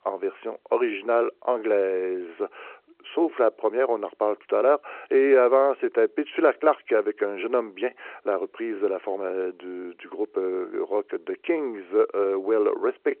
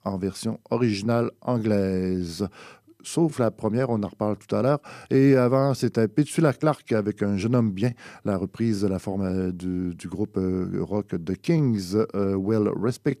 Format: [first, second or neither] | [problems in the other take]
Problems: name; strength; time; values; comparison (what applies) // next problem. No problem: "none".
second | phone-call audio